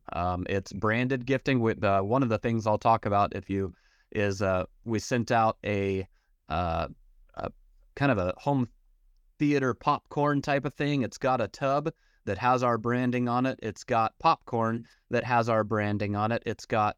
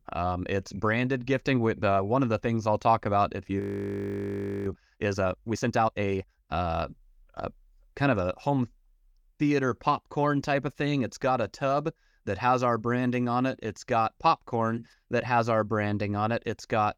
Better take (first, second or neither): first